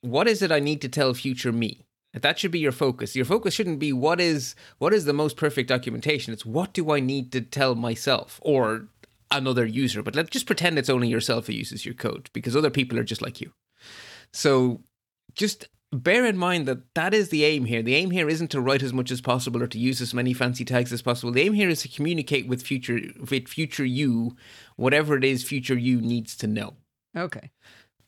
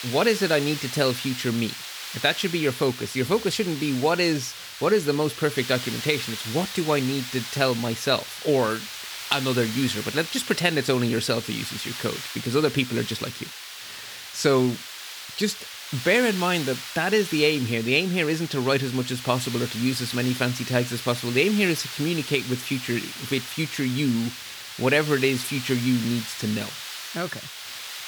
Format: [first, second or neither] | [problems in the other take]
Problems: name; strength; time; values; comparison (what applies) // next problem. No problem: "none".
first | hiss; loud; throughout; 9 dB below the speech